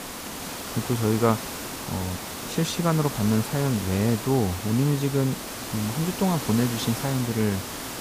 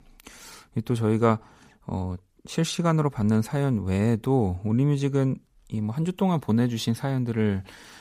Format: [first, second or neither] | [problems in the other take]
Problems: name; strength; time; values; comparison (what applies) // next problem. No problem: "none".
second | hiss; loud; throughout; 7 dB below the speech